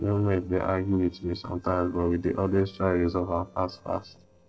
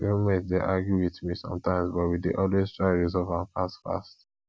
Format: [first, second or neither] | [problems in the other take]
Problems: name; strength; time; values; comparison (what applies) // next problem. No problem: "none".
second | noise reduction (neural separator model SepFormer DNS4)